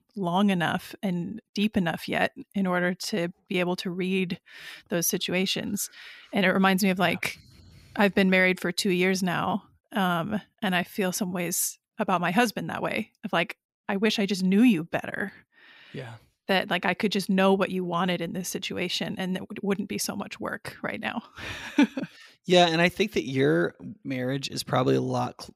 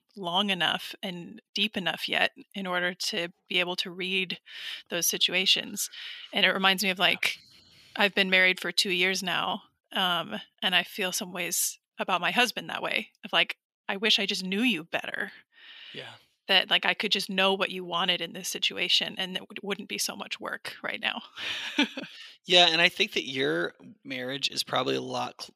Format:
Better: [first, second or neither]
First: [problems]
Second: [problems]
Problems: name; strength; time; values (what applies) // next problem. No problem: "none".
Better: first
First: none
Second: thin; very slightly; fading below 900 Hz